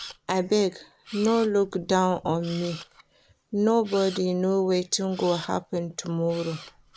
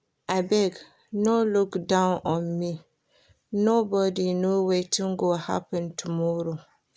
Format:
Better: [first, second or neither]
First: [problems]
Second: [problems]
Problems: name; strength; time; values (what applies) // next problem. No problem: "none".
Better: second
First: background sound (Camera); 19 dB below the speech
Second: none